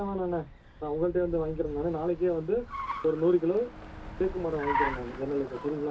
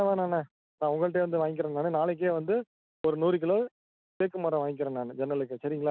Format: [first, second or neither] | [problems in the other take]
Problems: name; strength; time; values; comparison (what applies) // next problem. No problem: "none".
second | background sound (Car); 8 dB below the speech // room echo; dies away in 0.2 s